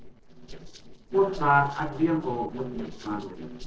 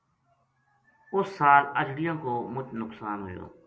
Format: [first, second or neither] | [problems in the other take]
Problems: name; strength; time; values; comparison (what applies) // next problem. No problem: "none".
second | noise reduction (neural separator model SepFormer DNS4)